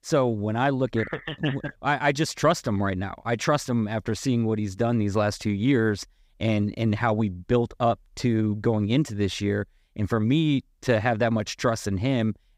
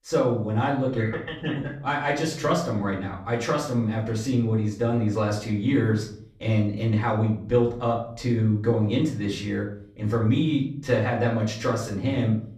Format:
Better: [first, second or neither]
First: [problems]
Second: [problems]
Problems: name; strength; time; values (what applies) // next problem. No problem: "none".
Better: first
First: none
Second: room echo; slight; dies away in 0.5 s // off-mic speech; far